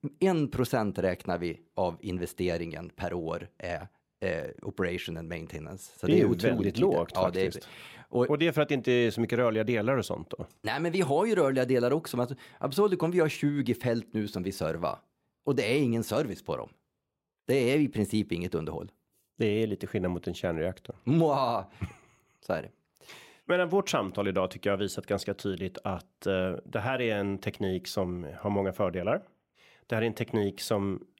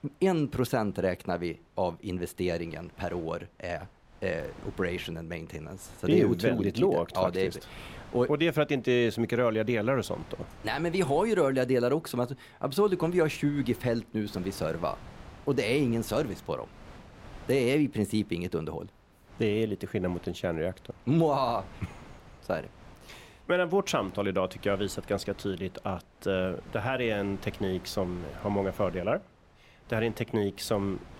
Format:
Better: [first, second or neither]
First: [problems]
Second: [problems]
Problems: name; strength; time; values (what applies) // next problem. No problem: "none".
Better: first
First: none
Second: wind noise on the microphone; occasional gusts; 20 dB below the speech